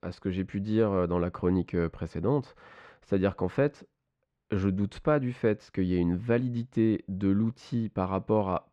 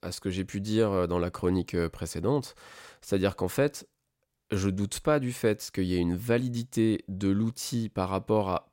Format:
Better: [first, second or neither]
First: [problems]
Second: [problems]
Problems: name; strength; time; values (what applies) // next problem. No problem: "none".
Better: second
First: muffled; very; fading above 2.5 kHz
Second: none